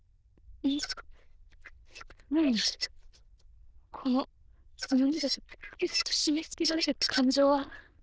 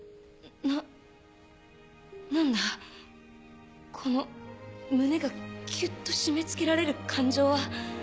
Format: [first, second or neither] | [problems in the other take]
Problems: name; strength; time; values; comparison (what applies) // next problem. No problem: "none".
second | noise reduction (neural diffusion model UNIVERSE++)